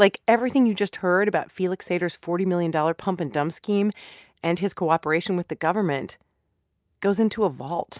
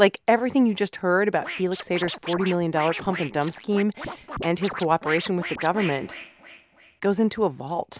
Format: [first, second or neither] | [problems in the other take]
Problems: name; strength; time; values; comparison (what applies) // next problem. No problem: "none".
first | background sound (Scratching (performance technique)); 13 dB below the speech